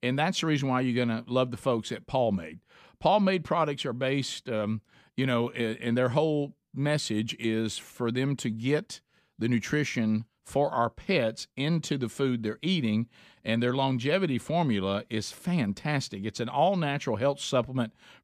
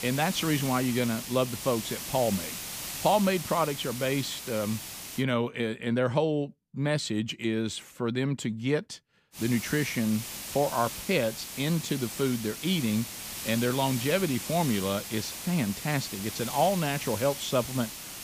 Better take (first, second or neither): first